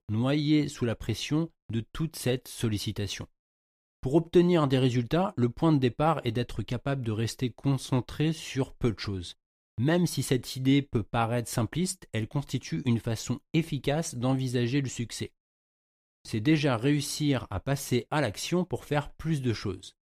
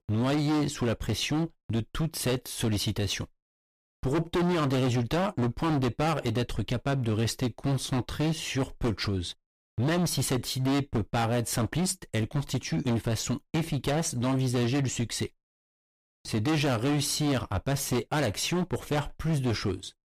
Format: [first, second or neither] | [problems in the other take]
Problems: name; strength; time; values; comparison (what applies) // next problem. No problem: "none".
first | distortion; heavy; 20% of the sound clipped